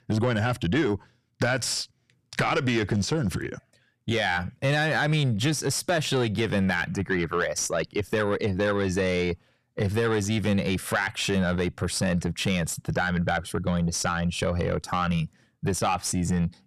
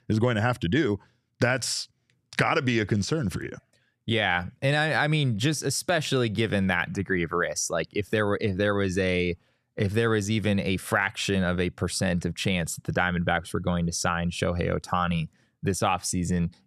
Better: second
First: distortion; slight; 10 dB below the speech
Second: none

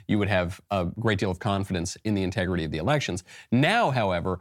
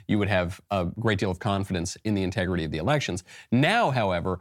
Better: neither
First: none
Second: none

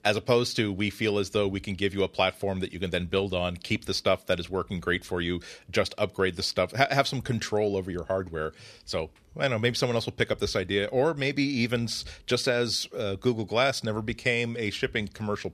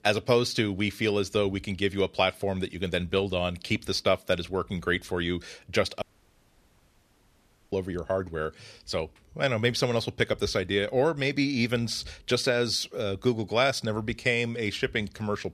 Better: first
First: none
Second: audio cutting out; at 6 s for 1.5 s

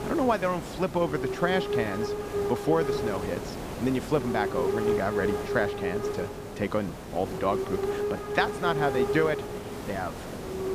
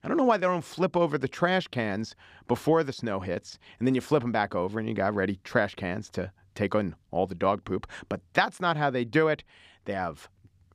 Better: second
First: hiss; loud; throughout; 2 dB below the speech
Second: none

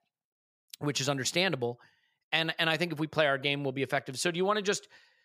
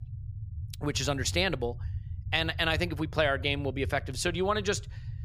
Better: first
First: none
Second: low rumble; faint; throughout; 25 dB below the speech

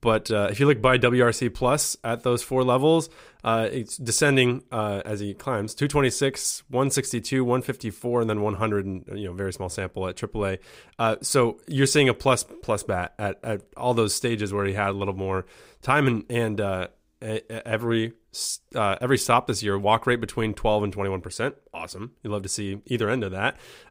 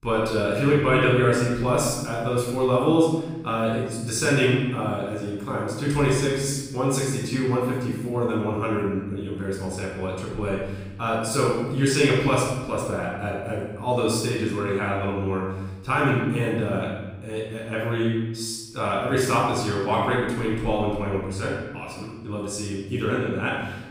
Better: first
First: none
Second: room echo; noticeable; dies away in 1.2 s // off-mic speech; far

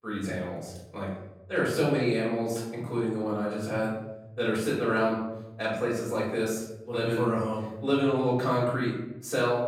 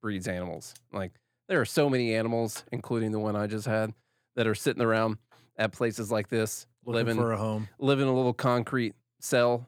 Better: second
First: room echo; noticeable; dies away in 0.8 s // off-mic speech; far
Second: none

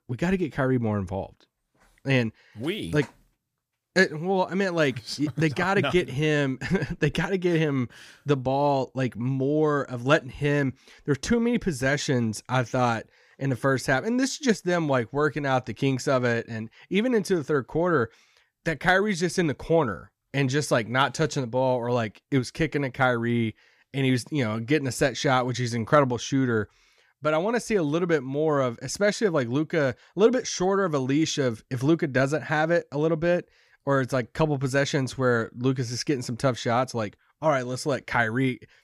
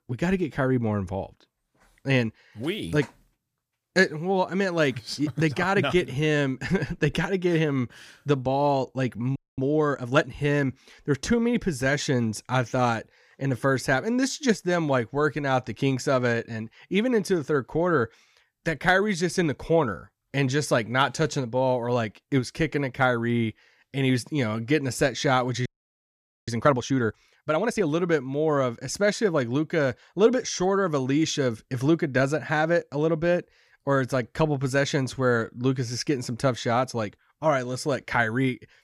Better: first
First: none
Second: audio freezing; at 9.5 s and at 26 s for 1 s

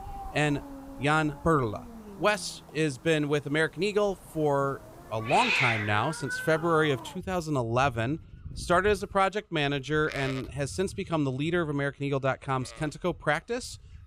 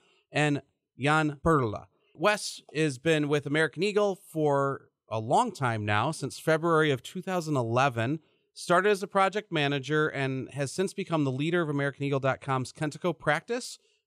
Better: second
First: animal sounds; loud; throughout; 7 dB below the speech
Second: none

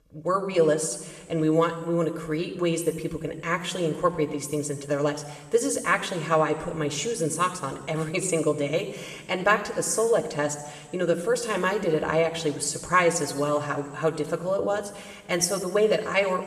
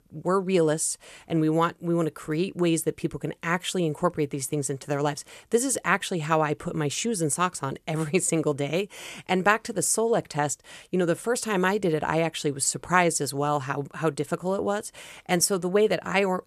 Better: second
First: room echo; slight; dies away in 1.6 s // off-mic speech; somewhat distant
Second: none

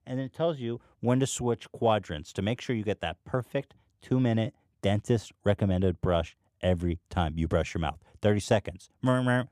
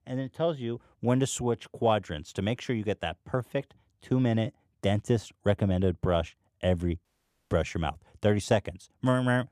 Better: first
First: none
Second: audio cutting out; at 7 s

